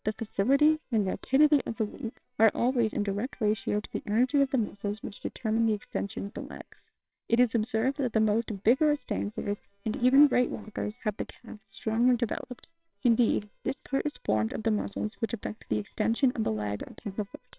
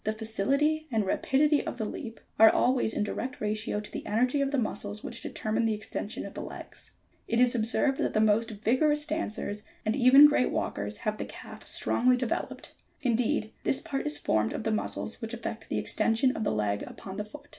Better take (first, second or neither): second